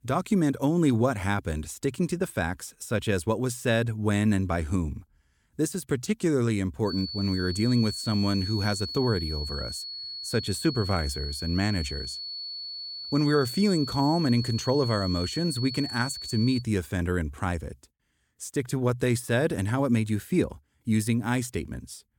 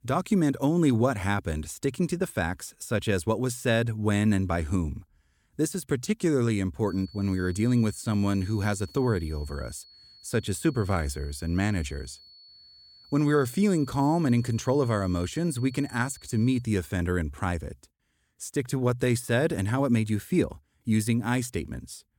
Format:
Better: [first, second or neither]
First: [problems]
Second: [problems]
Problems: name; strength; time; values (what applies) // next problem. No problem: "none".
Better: second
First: high-pitched whine; loud; from 7 to 17 s; 4.5 kHz, 7 dB below the speech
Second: high-pitched whine; faint; from 7 to 17 s; 4.5 kHz, 25 dB below the speech